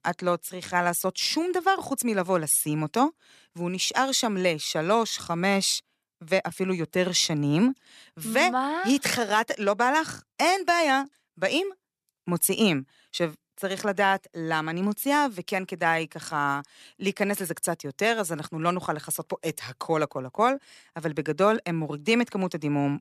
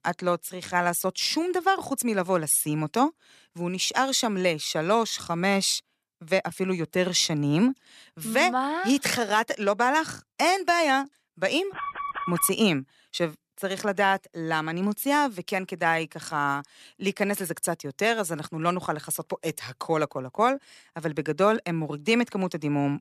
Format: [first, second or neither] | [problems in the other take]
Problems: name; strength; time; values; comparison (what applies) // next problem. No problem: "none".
first | alarm; noticeable; at 12 s; peak 6 dB below the speech